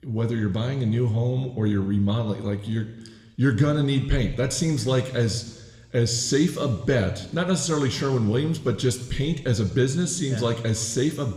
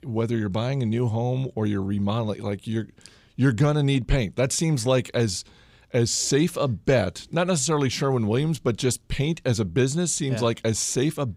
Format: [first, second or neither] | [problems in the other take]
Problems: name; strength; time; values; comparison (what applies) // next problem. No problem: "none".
second | room echo; very slight; dies away in 1 s